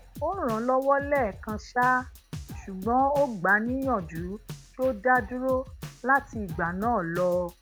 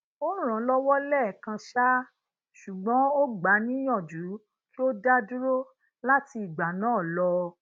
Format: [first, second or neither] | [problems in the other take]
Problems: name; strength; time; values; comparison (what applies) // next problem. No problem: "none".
second | background sound (Drum kit); 15 dB below the speech